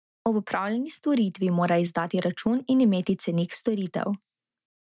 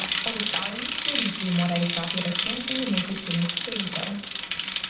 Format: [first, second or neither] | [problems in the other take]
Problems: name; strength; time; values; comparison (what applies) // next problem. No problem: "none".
first | background sound (Bicycle); 1 dB above the speech // room echo; dies away in 0.5 s